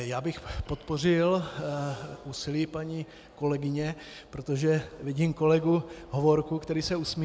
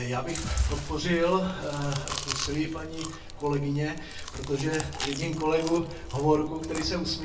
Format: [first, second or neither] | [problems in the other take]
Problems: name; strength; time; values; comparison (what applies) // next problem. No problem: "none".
first | background sound (Chewing, mastication); 10 dB below the speech // room echo; dies away in 0.3 s